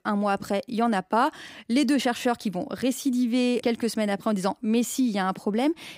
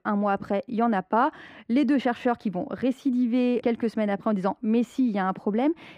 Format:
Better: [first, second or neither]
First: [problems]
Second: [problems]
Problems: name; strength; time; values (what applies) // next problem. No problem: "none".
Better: first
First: none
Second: muffled; very; fading above 4 kHz